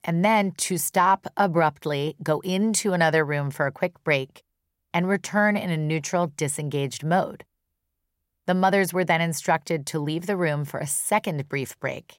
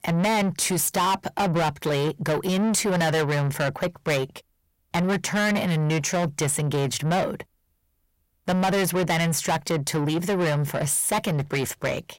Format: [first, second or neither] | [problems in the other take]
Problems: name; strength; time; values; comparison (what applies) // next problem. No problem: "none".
first | distortion; heavy; 6 dB below the speech